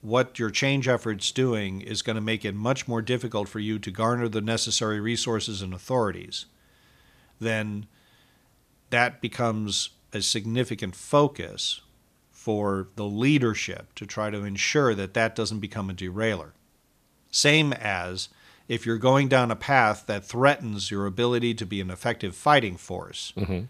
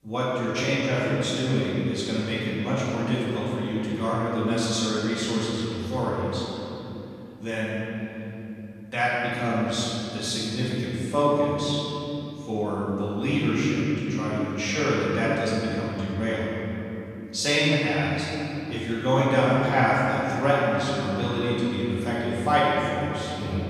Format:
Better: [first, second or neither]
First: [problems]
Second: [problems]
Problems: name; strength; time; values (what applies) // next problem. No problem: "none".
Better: first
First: none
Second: off-mic speech; far // room echo; strong; dies away in 3 s